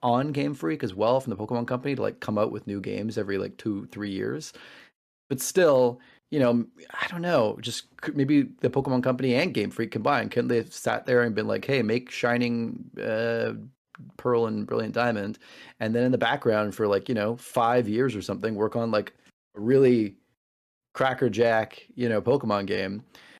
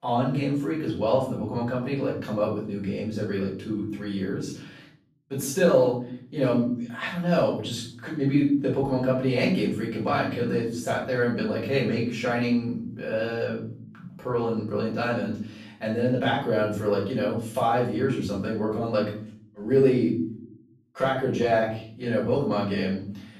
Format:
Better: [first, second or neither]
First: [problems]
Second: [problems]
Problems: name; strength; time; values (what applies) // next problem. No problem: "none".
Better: first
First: none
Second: off-mic speech; far // room echo; noticeable; dies away in 0.6 s